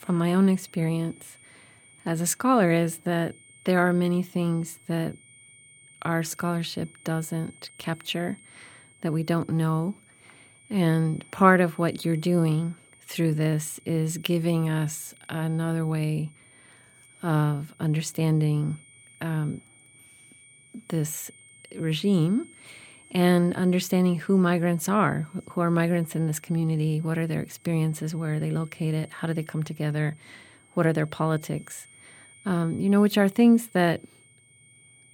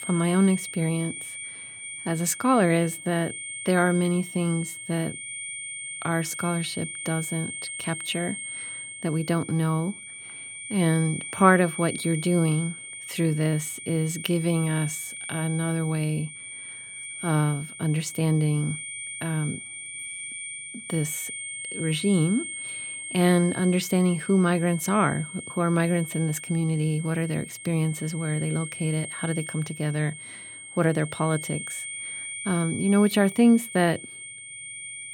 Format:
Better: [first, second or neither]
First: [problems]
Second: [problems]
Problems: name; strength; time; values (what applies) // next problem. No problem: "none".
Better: first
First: high-pitched whine; faint; throughout; 2.5 kHz, 25 dB below the speech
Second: high-pitched whine; loud; throughout; 2.5 kHz, 9 dB below the speech